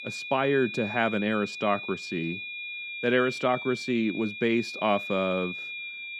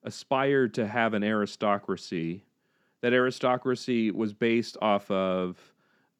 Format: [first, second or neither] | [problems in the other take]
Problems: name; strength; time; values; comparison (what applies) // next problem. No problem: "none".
second | high-pitched whine; loud; throughout; 2.5 kHz, 7 dB below the speech